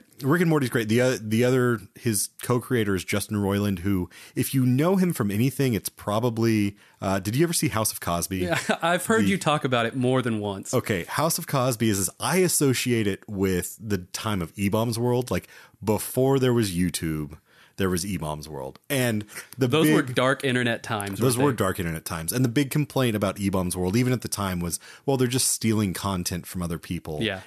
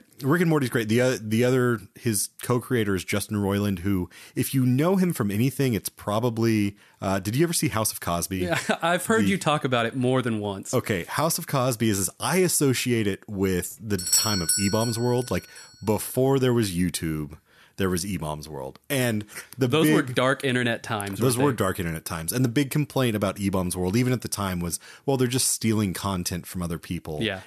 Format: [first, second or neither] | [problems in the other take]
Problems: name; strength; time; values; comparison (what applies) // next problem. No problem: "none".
first | doorbell; loud; at 14 s; peak 4 dB above the speech